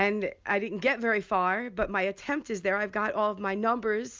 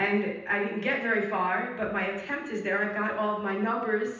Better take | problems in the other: first | room echo; dies away in 0.9 s

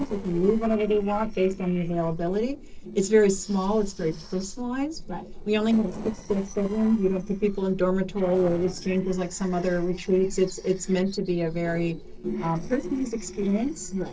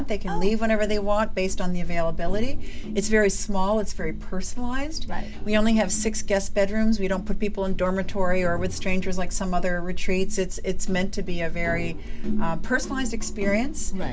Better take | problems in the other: second | noise reduction (neural separator model SepFormer DNS4)

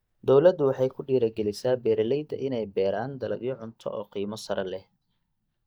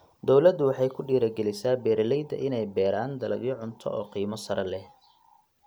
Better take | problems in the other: second | noise reduction (neural mask model DeepFilterNet 3)

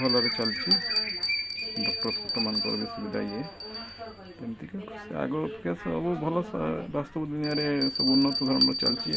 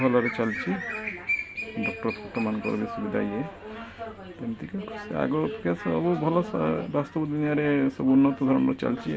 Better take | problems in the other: second | background sound (Bell); 2 dB below the speech

